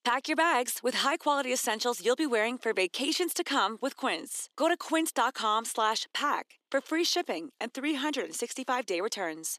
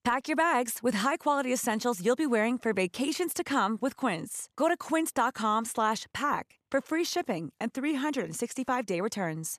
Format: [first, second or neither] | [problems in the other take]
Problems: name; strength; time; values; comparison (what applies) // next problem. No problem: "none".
second | thin; very slightly; fading below 300 Hz